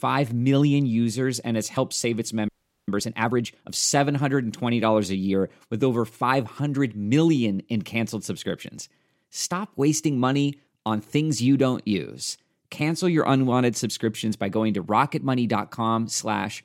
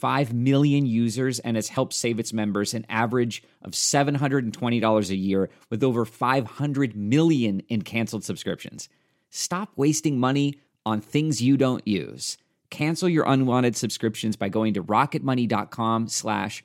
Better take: second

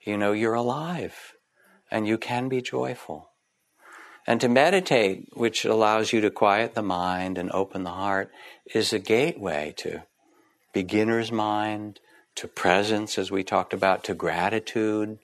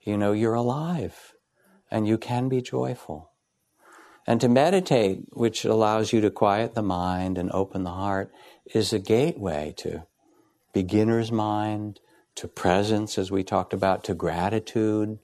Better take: second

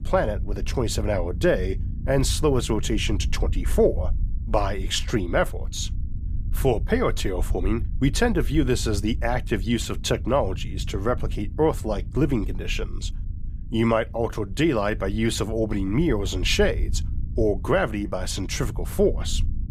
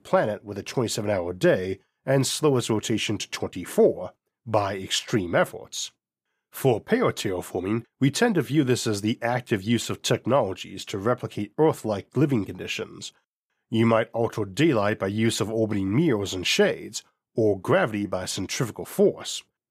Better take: second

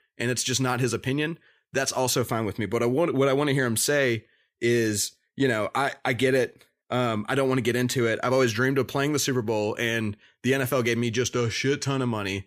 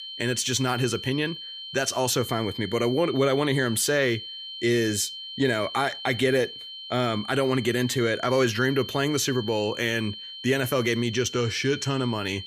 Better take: first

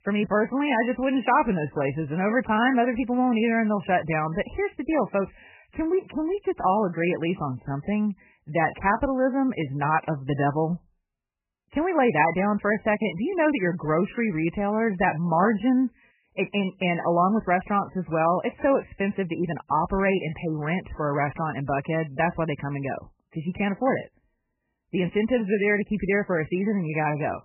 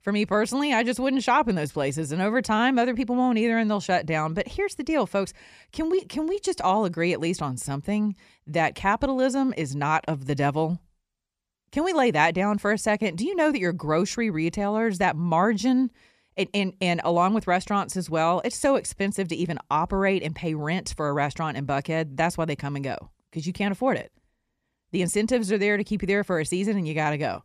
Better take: second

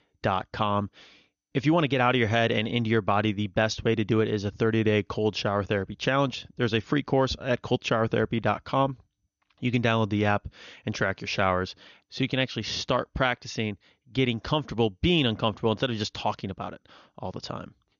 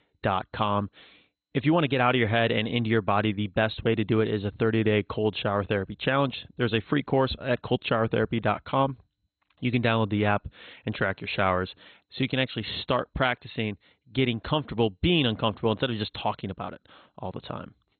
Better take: first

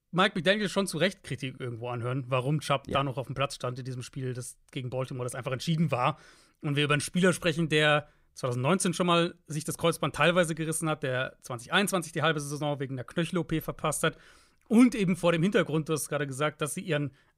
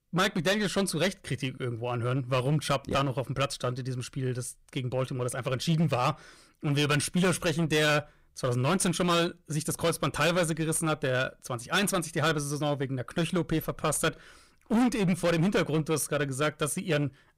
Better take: first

